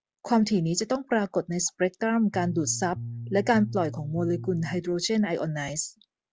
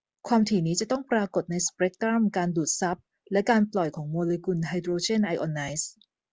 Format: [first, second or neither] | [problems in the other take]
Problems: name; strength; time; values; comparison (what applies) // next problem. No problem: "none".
second | background sound (Bass guitar); 10 dB below the speech